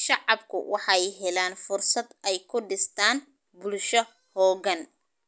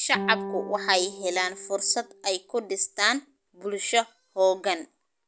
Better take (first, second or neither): first